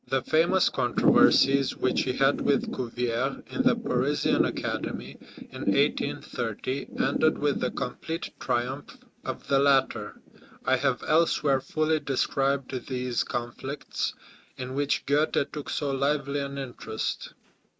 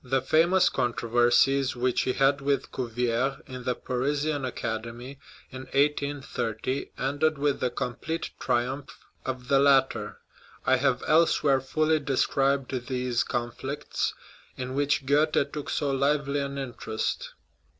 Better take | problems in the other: second | noise reduction (neural mask model RNNoise)

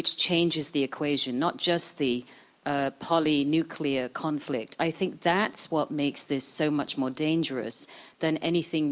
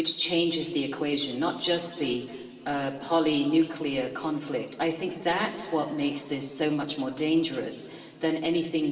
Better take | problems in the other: first | room echo; dies away in 2.2 s

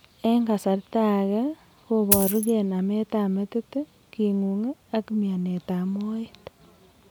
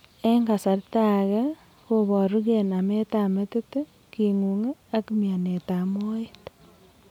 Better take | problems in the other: second | background sound (Coin (dropping)); as loud as the speech

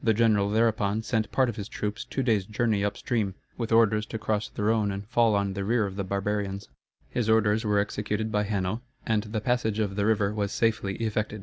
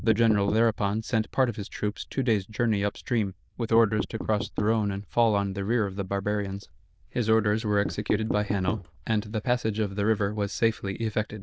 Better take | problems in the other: first | noise reduction (neural diffusion model UNIVERSE++)

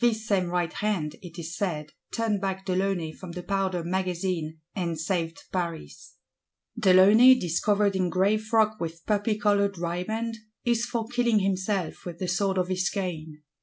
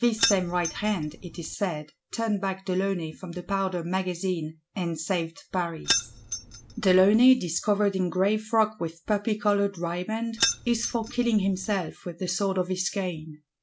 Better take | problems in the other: first | background sound (Keys jangling); 6 dB below the speech

